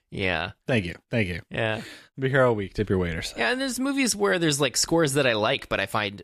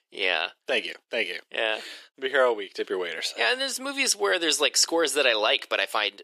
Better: first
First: none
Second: thin; very; fading below 350 Hz

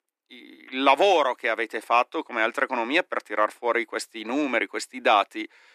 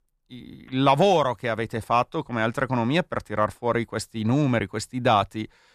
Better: second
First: thin; somewhat; fading below 300 Hz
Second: none

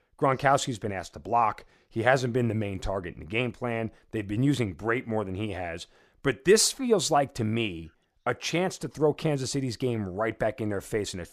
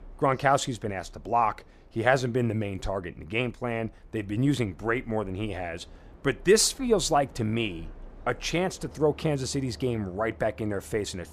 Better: first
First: none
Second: train or aircraft noise; faint; throughout; 25 dB below the speech

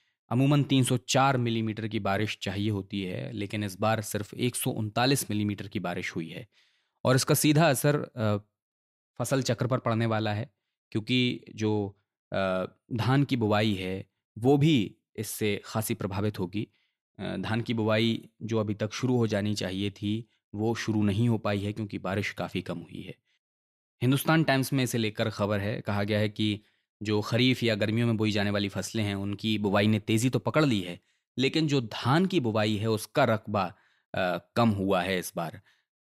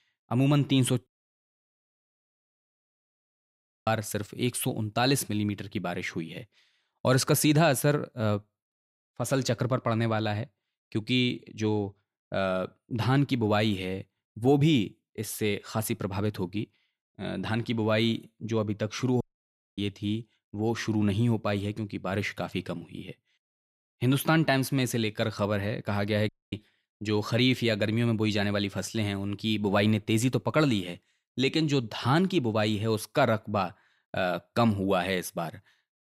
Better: first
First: none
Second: audio cutting out; at 1 s for 3 s, at 19 s for 0.5 s and at 26 s

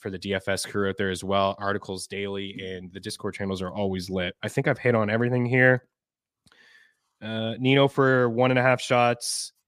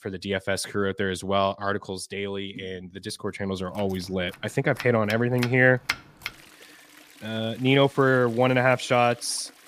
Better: first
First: none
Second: household noises; noticeable; from 3.5 s on; 15 dB below the speech

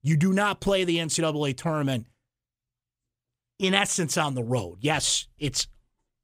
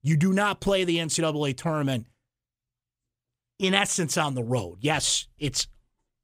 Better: neither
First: none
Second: none

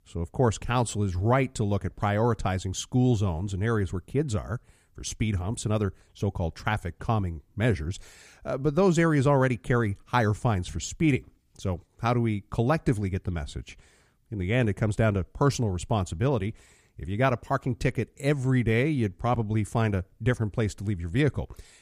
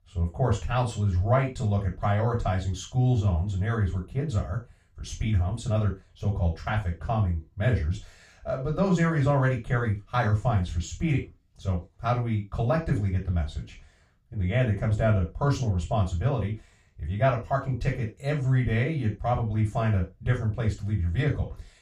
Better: first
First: none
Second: room echo; slight; dies away in 0.2 s // off-mic speech; far

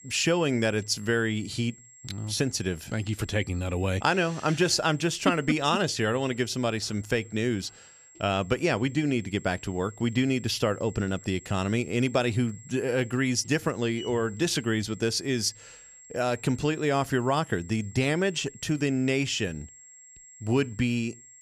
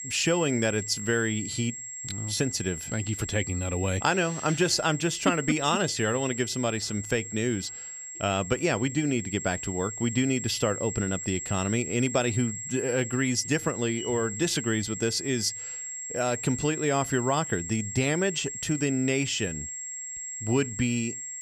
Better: first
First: high-pitched whine; faint; throughout; 7.5 kHz, 20 dB below the speech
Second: high-pitched whine; loud; throughout; 7.5 kHz, 7 dB below the speech

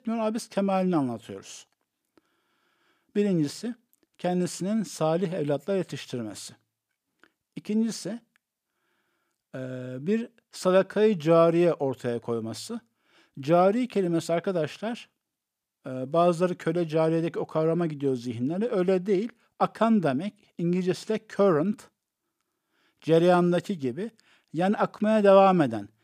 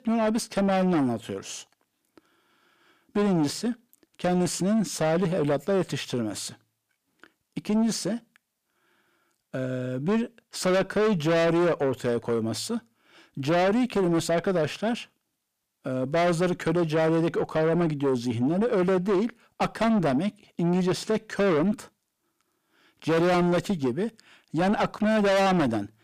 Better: first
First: none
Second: distortion; heavy; 6 dB below the speech

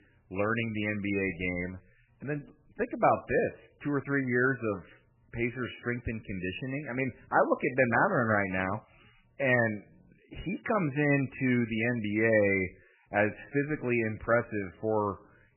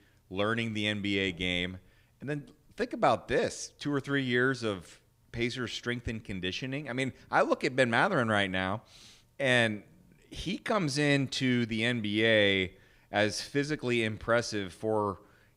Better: second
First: garbled, watery; badly; nothing above 2.5 kHz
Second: none

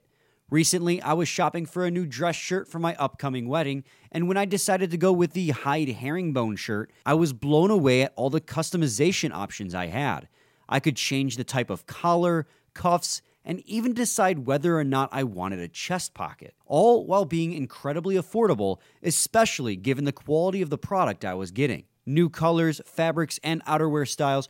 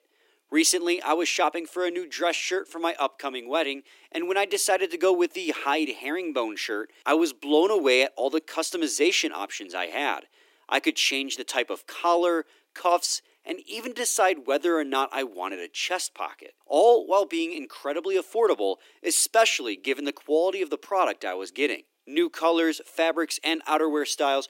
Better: first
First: none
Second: thin; somewhat; fading below 300 Hz

